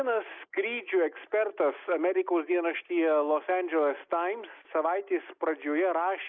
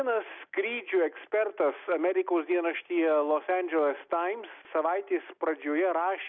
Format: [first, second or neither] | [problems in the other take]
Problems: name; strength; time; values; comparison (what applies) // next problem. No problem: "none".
second | noise reduction (neural mask model Resemble Enhance denoiser)